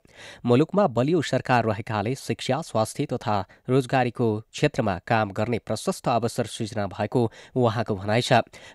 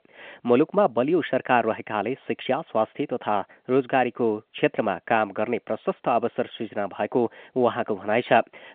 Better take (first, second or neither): first